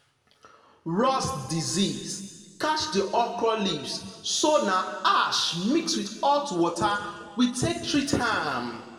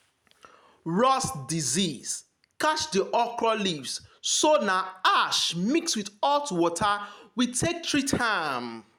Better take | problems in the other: second | room echo; dies away in 1.6 s

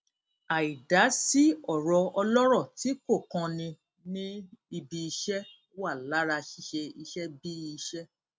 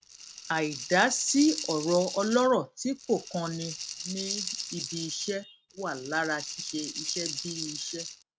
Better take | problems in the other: first | background sound (Rattle (instrument)); 8 dB below the speech

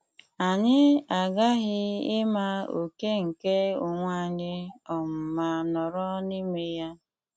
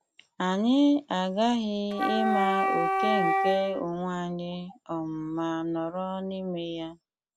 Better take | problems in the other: first | background sound (Wind instrument, woodwind instrument); 1 dB above the speech

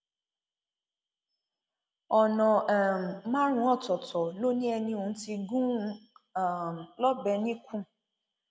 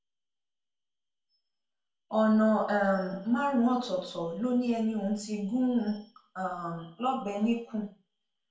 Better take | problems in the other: first | room echo; dies away in 0.3 s

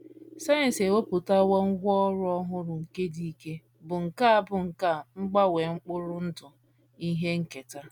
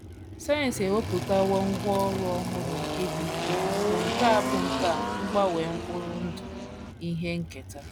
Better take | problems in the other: first | background sound (Engine); 2 dB below the speech

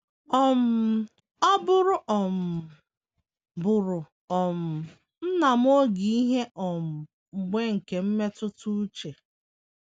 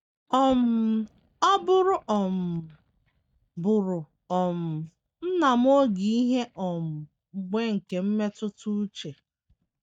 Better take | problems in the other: first | noise reduction (neural mask model DeepFilterNet 3)

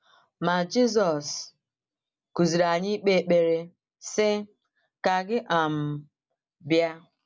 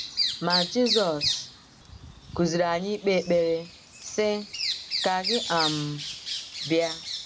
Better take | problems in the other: first | background sound (Bird vocalization, bird call, bird song); 5 dB below the speech

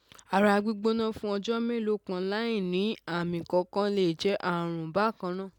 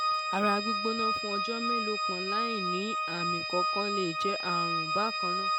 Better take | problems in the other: first | background sound (Organ); 4 dB above the speech

